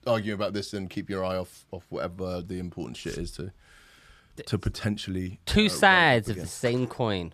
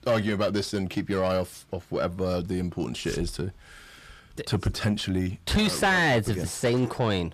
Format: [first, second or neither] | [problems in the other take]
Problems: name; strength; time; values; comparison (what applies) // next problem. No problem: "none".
first | distortion; heavy; 6 dB below the speech